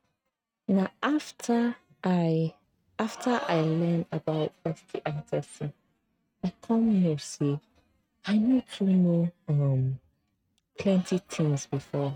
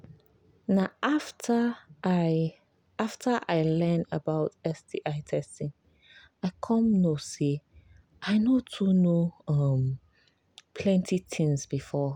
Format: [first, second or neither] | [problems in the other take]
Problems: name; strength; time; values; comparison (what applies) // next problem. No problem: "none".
second | noise reduction (neural mask model RNNoise)